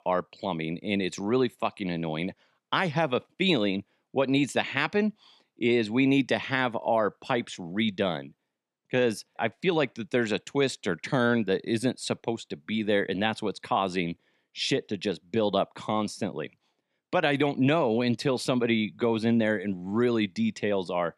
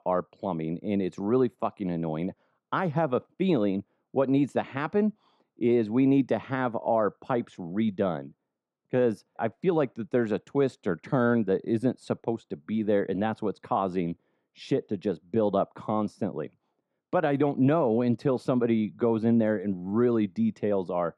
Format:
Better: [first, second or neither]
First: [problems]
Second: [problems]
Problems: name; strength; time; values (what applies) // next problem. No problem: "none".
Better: first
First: none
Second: muffled; very; fading above 1.5 kHz